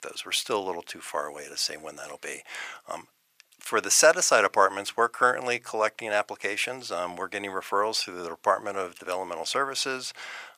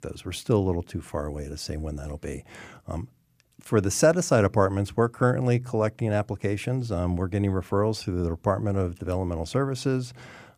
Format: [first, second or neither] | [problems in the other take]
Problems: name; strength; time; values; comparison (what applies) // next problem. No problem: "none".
second | thin; very; fading below 850 Hz